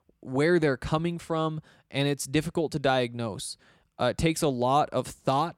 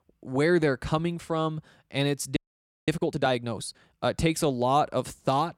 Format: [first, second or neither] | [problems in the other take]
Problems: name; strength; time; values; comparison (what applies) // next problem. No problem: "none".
first | audio freezing; at 2.5 s for 0.5 s